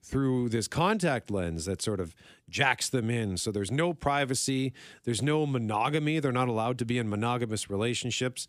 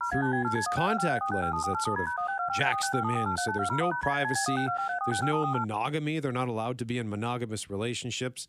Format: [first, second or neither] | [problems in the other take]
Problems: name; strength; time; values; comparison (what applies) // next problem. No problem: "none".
first | phone ringing; loud; until 5.5 s; peak 2 dB above the speech